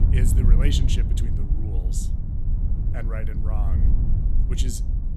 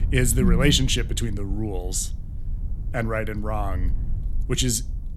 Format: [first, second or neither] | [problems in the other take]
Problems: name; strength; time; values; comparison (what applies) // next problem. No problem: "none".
second | low rumble; loud; throughout; 3 dB below the speech; faint in the second